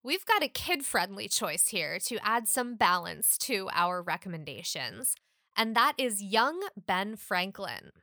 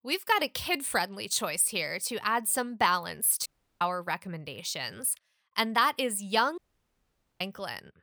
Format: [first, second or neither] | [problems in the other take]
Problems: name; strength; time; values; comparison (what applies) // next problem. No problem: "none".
first | audio cutting out; at 3.5 s and at 6.5 s for 1 s